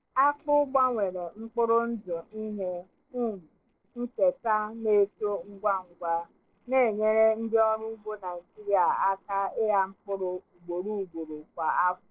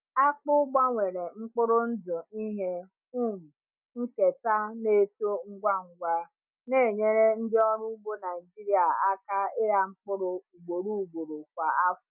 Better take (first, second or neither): second